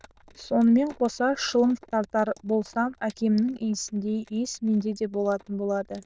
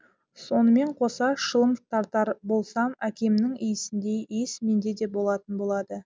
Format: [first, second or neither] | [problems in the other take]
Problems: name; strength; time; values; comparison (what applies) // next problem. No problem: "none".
second | noise reduction (neural diffusion model UNIVERSE++)